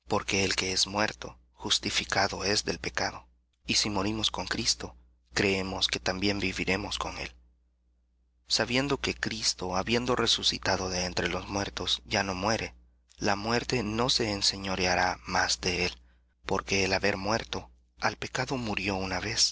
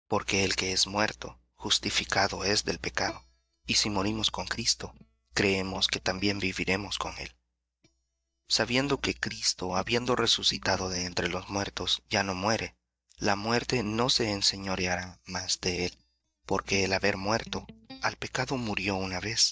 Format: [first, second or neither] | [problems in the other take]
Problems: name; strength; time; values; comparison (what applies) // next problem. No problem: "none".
first | noise reduction (neural mask model DeepFilterNet 3)